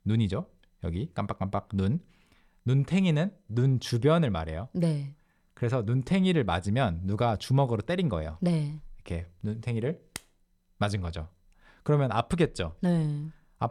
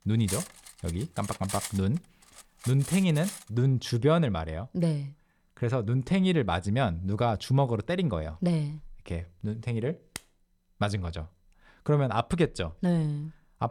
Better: first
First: none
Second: clattering dishes; noticeable; until 3.5 s; peak 6 dB below the speech

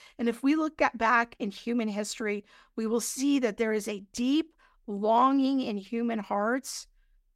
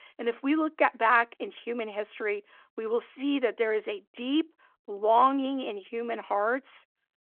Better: first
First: none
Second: phone-call audio

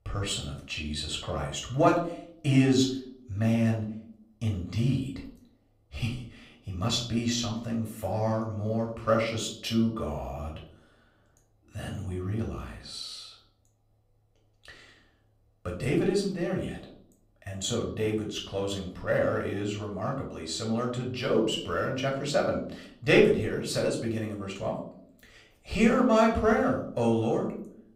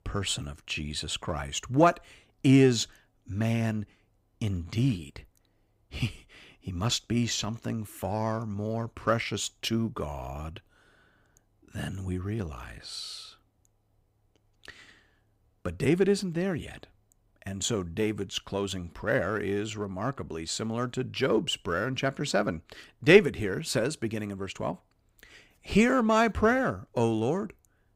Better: second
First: room echo; slight; dies away in 0.5 s // off-mic speech; far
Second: none

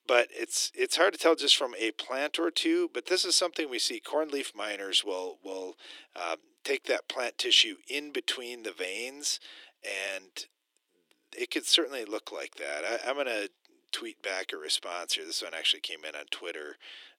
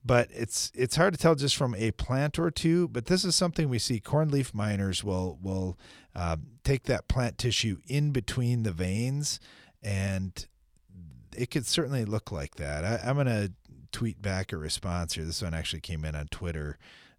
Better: second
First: thin; very; fading below 300 Hz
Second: none

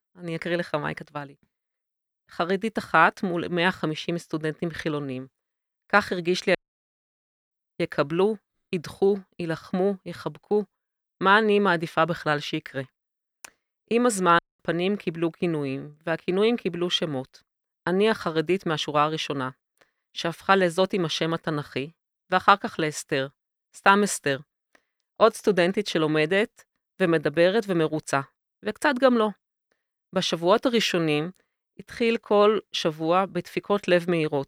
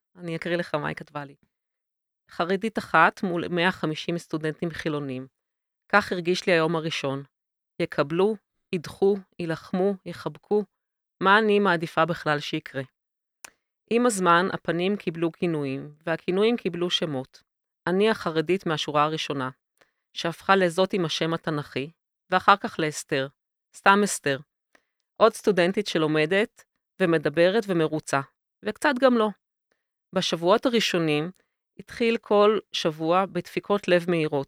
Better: second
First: audio cutting out; at 6.5 s for 1 s and at 14 s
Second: none

